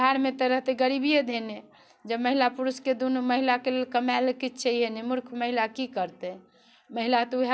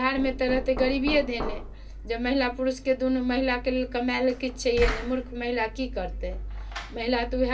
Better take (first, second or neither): first